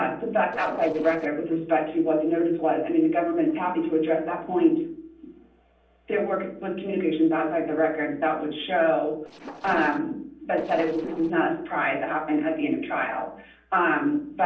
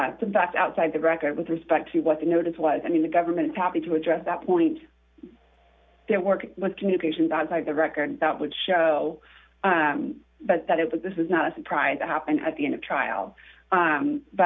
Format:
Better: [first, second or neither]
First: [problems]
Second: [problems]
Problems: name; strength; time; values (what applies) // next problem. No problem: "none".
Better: second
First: noise reduction (neural separator model SepFormer DNS4)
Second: none